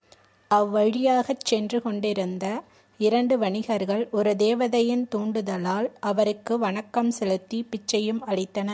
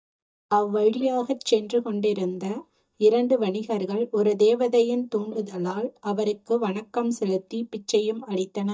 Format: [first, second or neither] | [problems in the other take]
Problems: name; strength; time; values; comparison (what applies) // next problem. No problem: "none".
first | noise reduction (neural mask model DeepFilterNet 3)